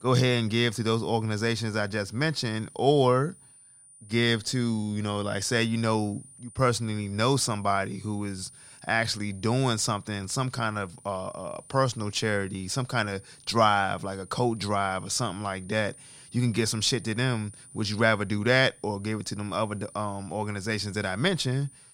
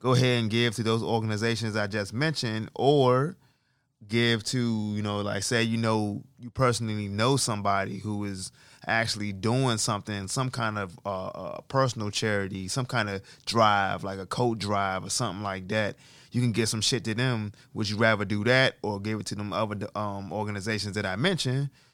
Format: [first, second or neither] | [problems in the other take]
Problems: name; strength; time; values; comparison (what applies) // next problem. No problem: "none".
second | high-pitched whine; faint; throughout; 9.5 kHz, 20 dB below the speech